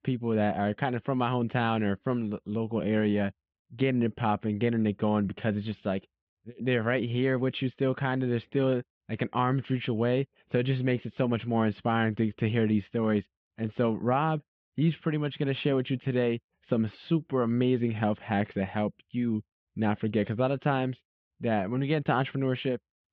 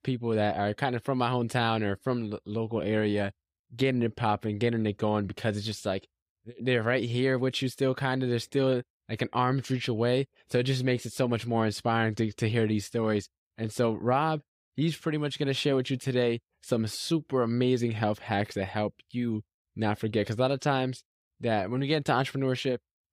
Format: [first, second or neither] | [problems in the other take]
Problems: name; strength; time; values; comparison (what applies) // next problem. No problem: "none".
second | muffled; very; fading above 3 kHz